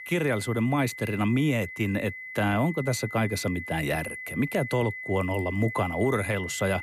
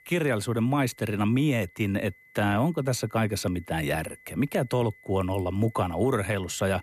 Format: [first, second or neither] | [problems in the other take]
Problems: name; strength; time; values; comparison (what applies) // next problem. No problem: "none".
second | high-pitched whine; loud; throughout; 2 kHz, 9 dB below the speech; faint in the second